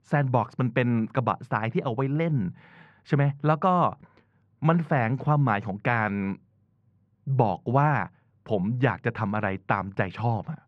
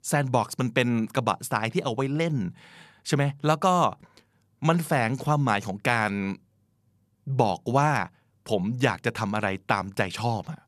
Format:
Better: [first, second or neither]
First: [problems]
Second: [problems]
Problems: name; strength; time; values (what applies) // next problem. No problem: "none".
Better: second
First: muffled; very; fading above 2 kHz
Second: none